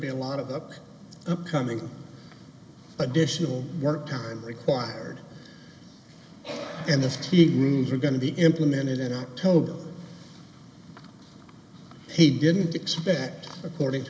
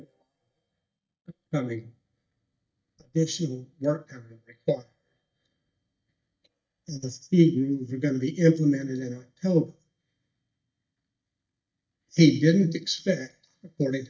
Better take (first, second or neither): first